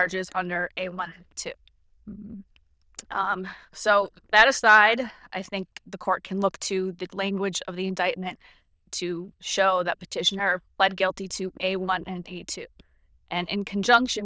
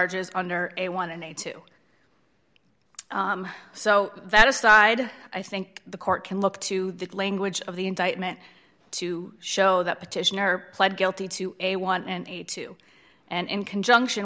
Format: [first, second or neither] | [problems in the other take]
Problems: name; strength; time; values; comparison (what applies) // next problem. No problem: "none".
second | noise reduction (neural diffusion model UNIVERSE++)